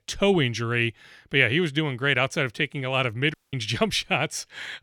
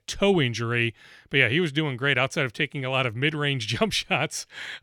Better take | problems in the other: second | audio cutting out; at 3.5 s

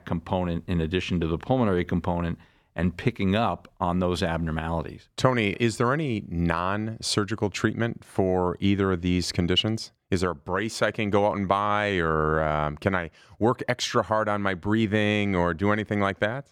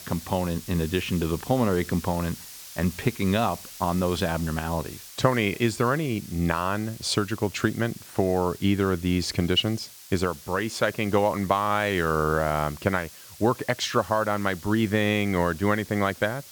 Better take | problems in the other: first | hiss; noticeable; throughout; 15 dB below the speech

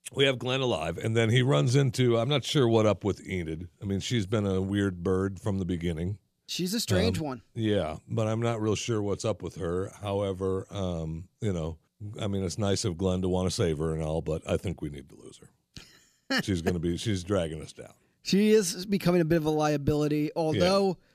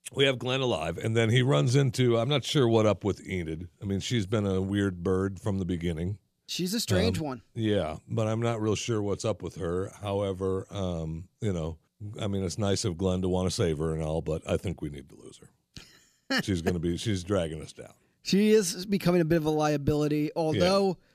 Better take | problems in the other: neither | none

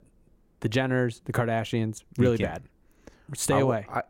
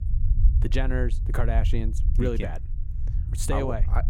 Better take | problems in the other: first | low rumble; noticeable; throughout; 15 dB below the speech

